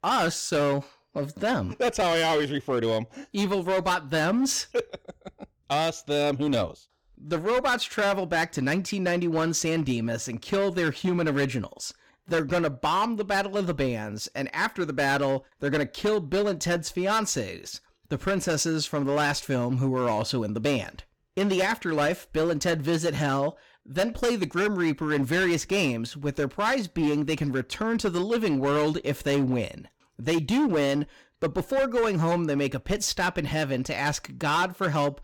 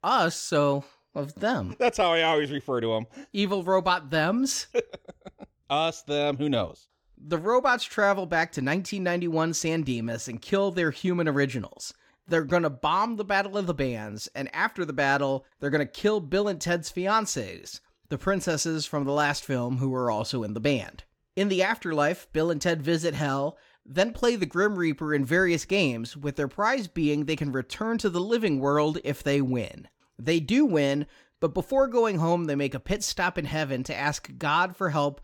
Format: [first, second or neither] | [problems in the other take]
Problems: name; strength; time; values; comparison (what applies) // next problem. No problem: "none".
second | distortion; slight; 11% of the sound clipped